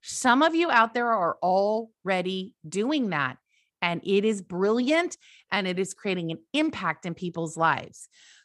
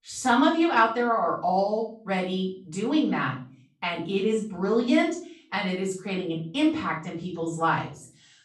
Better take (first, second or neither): first